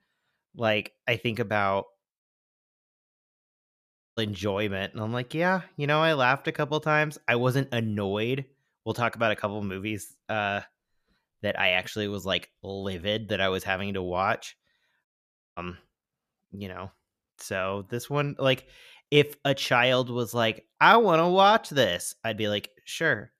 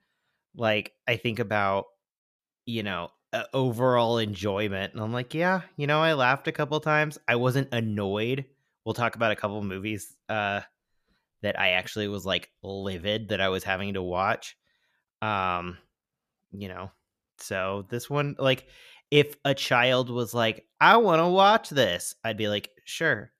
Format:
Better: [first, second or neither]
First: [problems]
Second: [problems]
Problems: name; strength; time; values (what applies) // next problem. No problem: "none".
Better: second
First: audio cutting out; at 2 s for 2 s and at 15 s for 0.5 s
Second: none